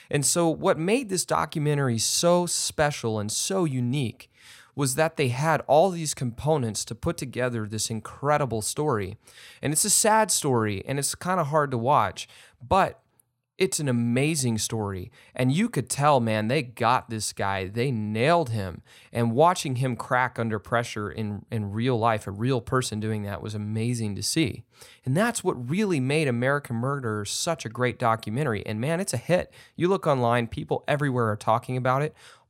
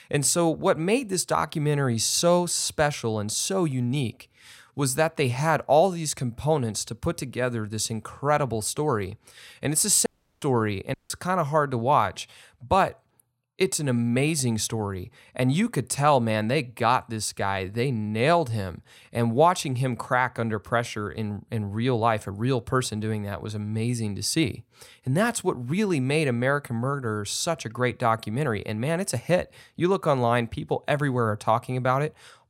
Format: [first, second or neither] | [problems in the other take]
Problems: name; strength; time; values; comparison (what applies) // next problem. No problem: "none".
first | audio cutting out; at 10 s and at 11 s